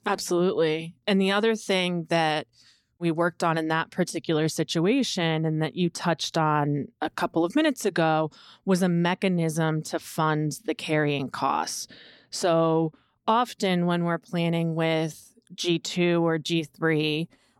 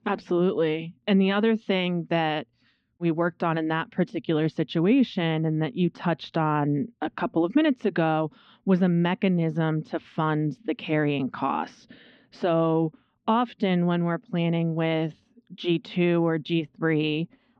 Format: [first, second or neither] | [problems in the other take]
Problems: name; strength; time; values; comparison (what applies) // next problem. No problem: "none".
first | muffled; very; fading above 3 kHz